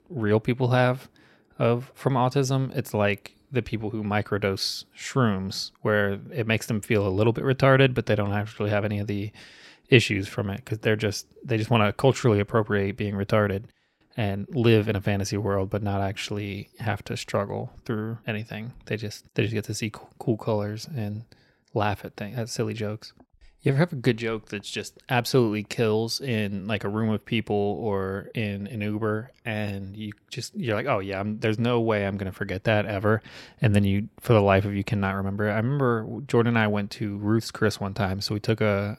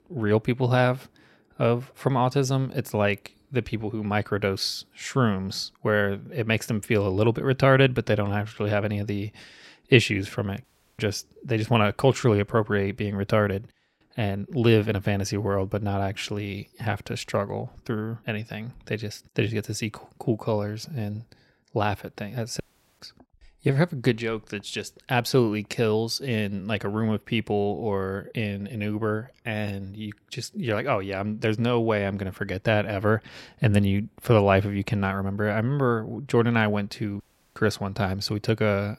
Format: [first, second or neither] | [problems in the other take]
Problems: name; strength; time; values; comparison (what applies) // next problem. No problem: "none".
first | audio cutting out; at 11 s, at 23 s and at 37 s